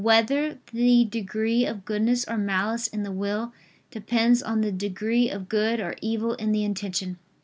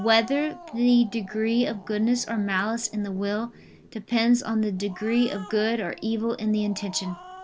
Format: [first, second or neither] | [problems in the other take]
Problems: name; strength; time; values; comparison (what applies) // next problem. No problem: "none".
first | background sound (Growling); 20 dB below the speech